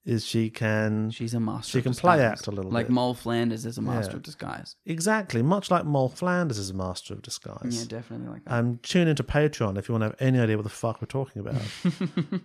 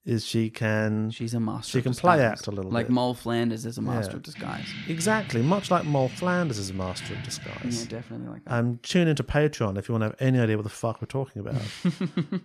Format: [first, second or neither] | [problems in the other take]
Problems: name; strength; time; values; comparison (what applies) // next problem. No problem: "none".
first | jangling keys; noticeable; from 4.5 to 8 s; peak 9 dB below the speech